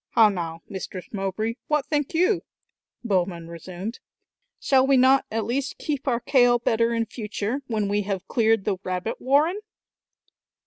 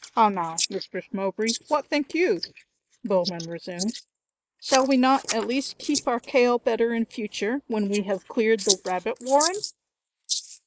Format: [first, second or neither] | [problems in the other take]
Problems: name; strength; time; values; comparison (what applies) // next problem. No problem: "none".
first | noise reduction (neural mask model Resemble Enhance denoiser)